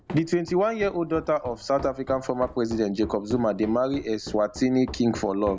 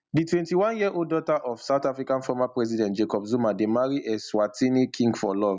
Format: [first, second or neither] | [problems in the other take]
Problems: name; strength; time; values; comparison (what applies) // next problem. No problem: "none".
second | background sound (Run); 16 dB below the speech